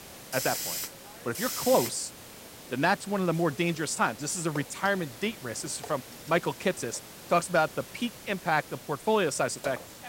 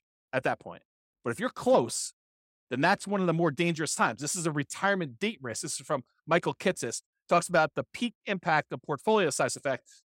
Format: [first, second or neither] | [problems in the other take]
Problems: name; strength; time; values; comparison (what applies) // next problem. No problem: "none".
second | hiss; loud; throughout; 9 dB below the speech